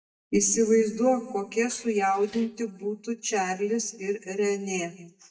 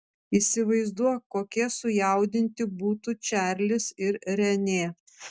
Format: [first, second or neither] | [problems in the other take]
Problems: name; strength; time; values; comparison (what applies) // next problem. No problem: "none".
second | noise reduction (neural mask model DeepFilterNet 3)